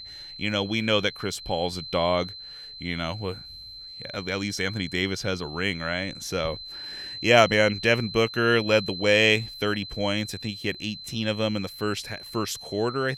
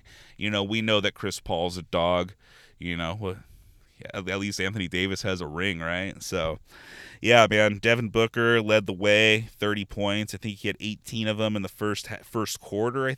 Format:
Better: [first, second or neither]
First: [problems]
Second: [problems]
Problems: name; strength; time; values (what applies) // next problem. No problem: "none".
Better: second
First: high-pitched whine; noticeable; throughout; 4 kHz, 10 dB below the speech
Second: none